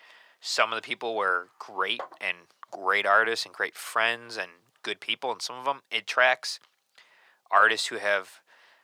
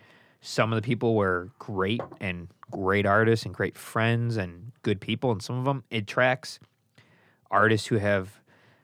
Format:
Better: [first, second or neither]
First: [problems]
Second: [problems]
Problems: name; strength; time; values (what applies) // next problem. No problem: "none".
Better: second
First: thin; very; fading below 800 Hz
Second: none